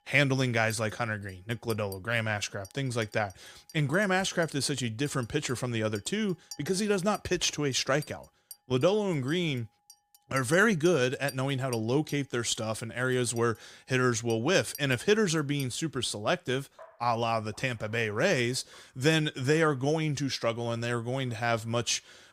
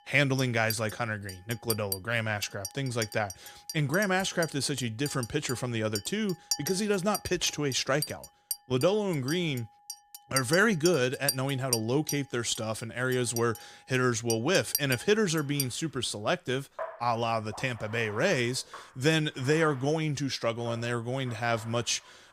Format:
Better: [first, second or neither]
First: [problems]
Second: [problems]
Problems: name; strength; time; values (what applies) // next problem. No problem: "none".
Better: first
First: household noises; faint; throughout; 20 dB below the speech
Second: household noises; loud; throughout; 9 dB below the speech